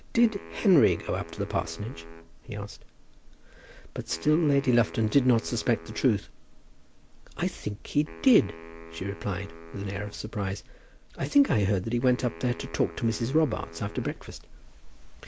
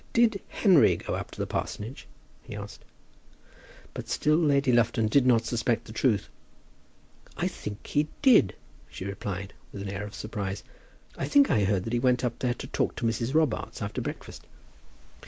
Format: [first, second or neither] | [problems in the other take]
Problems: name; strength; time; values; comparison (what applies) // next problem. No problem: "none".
second | background sound (Wind instrument, woodwind instrument); 19 dB below the speech